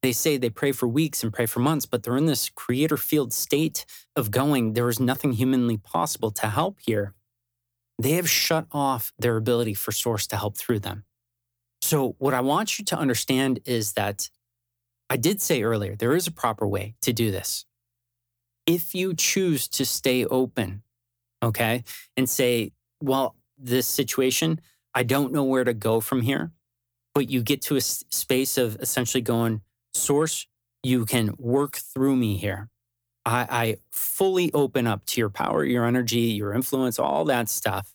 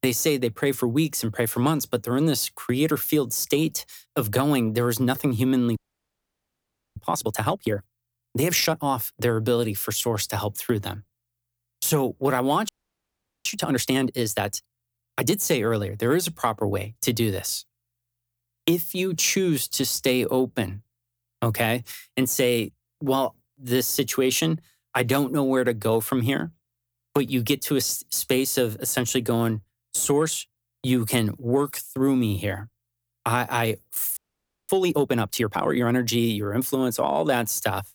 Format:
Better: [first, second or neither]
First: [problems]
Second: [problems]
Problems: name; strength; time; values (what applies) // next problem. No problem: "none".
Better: first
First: none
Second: audio freezing; at 6 s for 1 s, at 13 s for 1 s and at 34 s for 0.5 s